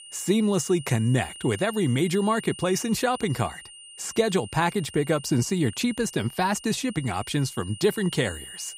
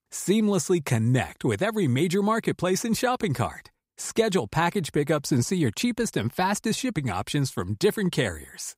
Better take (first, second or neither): second